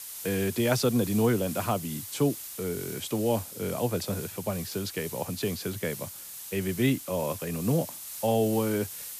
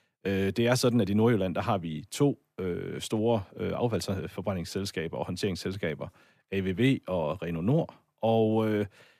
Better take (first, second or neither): second